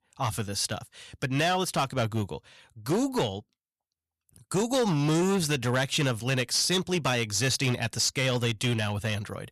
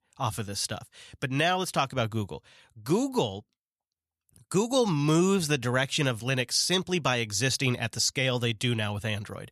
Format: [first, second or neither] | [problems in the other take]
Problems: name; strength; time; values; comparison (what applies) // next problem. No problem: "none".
second | distortion; slight; 9% of the sound clipped